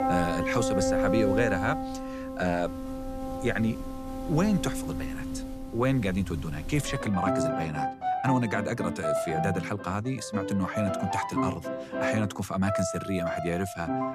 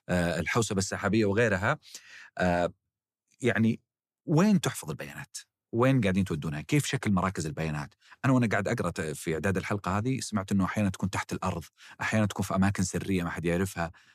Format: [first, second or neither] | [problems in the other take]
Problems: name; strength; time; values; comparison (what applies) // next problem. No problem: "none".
second | background music; loud; throughout; 2 dB below the speech